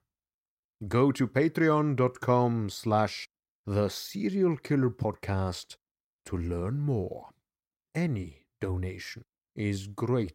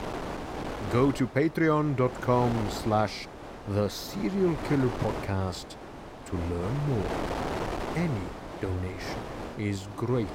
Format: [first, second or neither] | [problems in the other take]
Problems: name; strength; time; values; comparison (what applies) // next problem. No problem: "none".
first | wind noise on the microphone; heavy; 6 dB below the speech